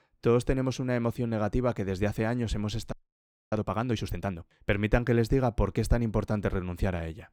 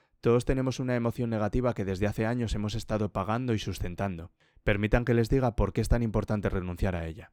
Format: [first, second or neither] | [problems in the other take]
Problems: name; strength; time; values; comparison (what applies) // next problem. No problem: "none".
second | audio freezing; at 3 s for 0.5 s